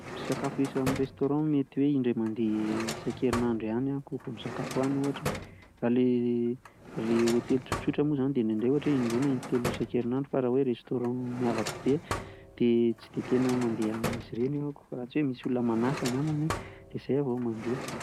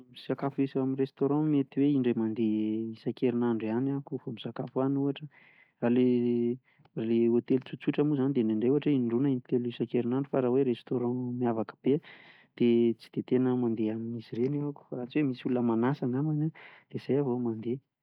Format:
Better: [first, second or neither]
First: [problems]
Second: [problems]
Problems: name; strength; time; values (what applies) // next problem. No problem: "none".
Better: second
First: background sound (Drawer open or close); 10 dB below the speech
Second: none